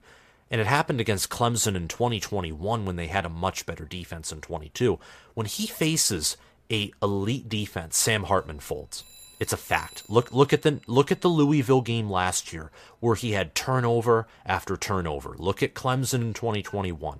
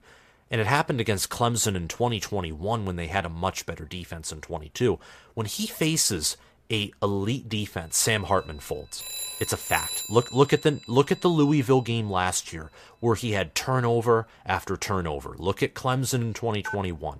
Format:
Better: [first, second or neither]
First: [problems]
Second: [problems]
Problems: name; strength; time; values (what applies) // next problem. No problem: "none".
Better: first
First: alarms or sirens; faint; from 8 s on; 25 dB below the speech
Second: alarms or sirens; loud; from 8 s on; 10 dB below the speech